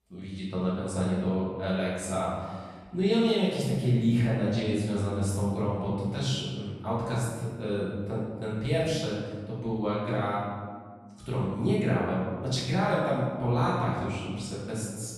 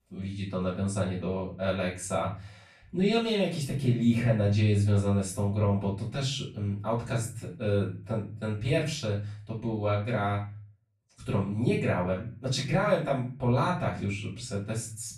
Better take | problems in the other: second | room echo; strong; dies away in 1.6 s; slight in the second // off-mic speech; far; far in the second

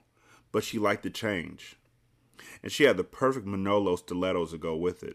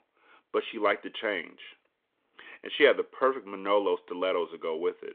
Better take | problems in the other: first | phone-call audio

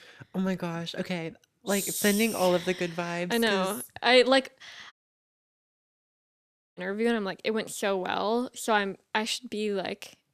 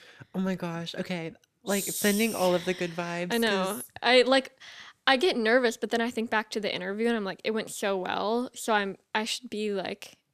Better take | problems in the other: second | audio cutting out; at 5 s for 2 s

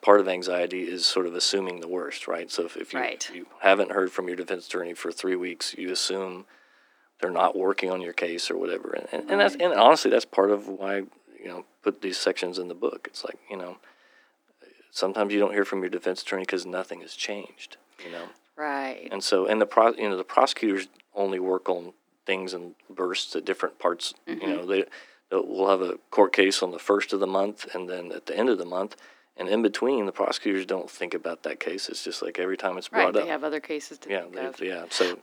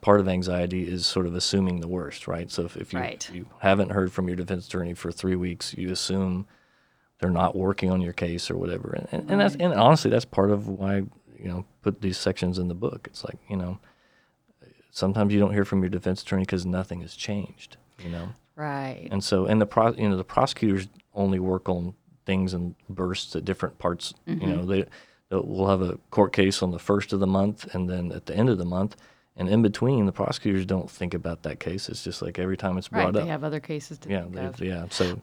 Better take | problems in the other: second | thin; somewhat; fading below 250 Hz

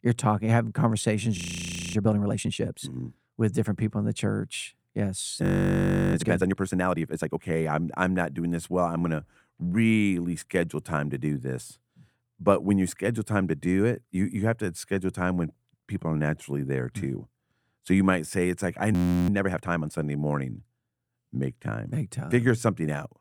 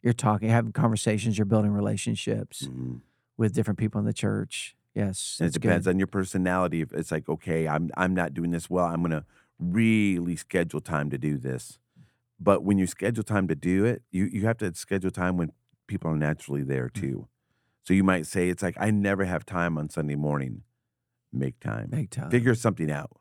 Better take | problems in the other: second | audio freezing; at 1.5 s for 0.5 s, at 5.5 s for 0.5 s and at 19 s

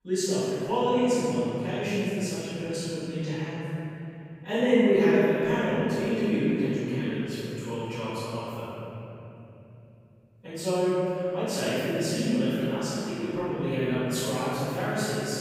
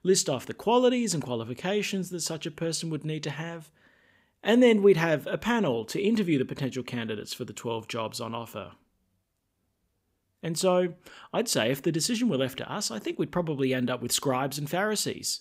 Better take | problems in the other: second | off-mic speech; far // room echo; strong; dies away in 3 s

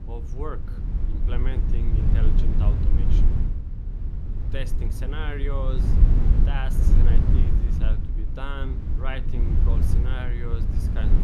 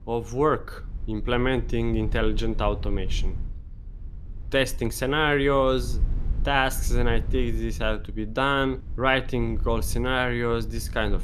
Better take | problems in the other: second | low rumble; loud; throughout; 2 dB below the speech; faint in the second

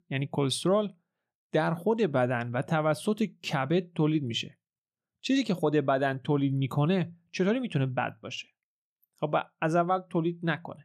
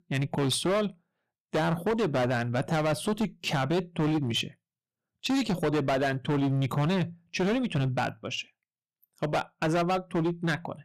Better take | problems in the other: first | distortion; heavy; 17% of the sound clipped

